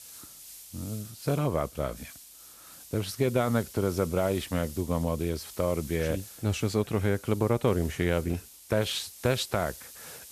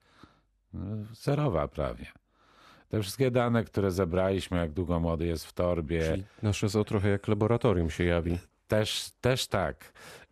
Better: second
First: hiss; noticeable; throughout; 15 dB below the speech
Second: none

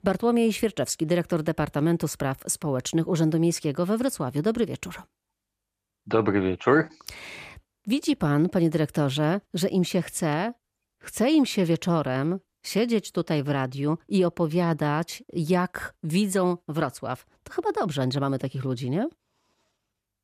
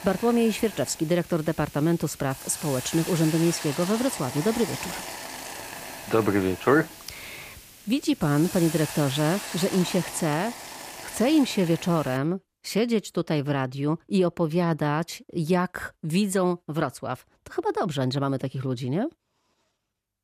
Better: first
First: none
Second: hiss; noticeable; until 12 s; 10 dB below the speech

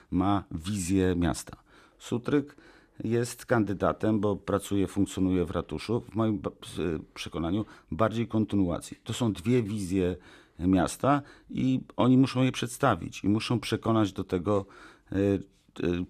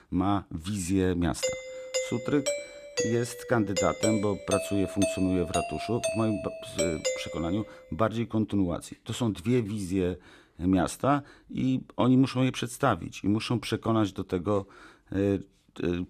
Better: first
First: none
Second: doorbell; noticeable; from 1.5 to 7.5 s; peak level with the speech

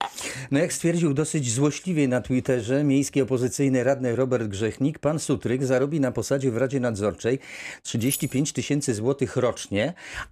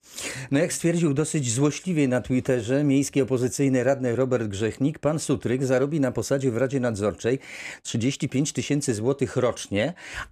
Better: second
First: clattering dishes; noticeable; at the start; peak 9 dB below the speech // jangling keys; noticeable; at 8 s; peak 5 dB below the speech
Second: none

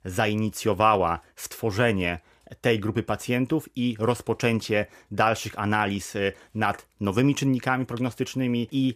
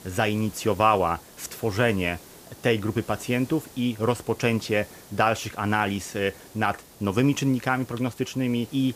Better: first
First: none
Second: hiss; faint; throughout; 20 dB below the speech

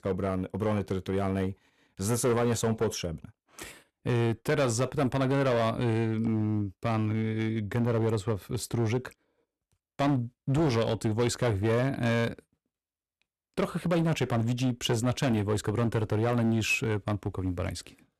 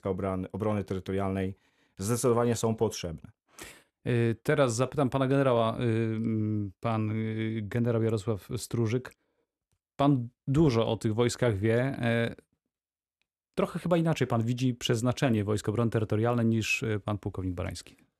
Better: second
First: distortion; slight; 9% of the sound clipped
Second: none

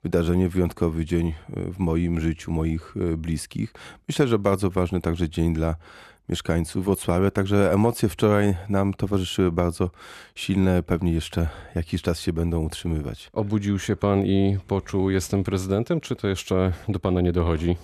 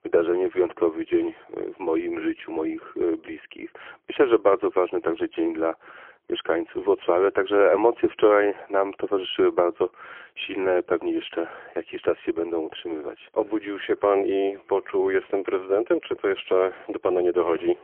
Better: first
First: none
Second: phone-call audio; poor line; nothing above 3.5 kHz

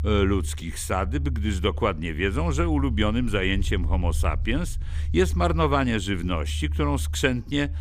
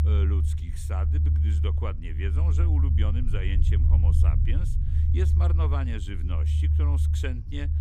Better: first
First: low rumble; faint; throughout; 20 dB below the speech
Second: low rumble; loud; throughout; 1 dB below the speech

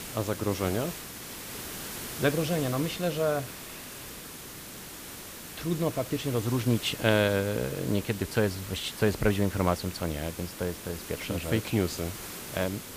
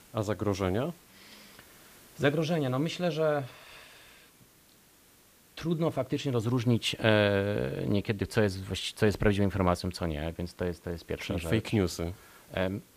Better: second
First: hiss; loud; throughout; 10 dB below the speech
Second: hiss; faint; throughout; 25 dB below the speech

